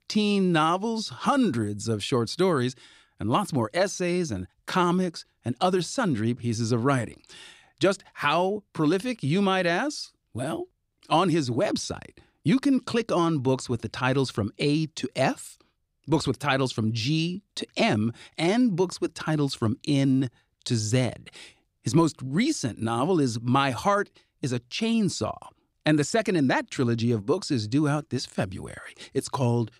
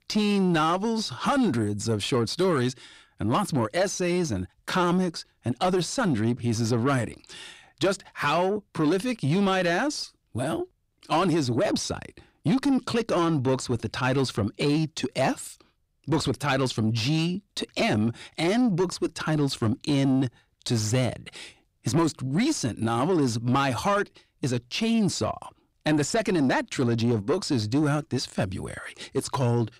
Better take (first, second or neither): first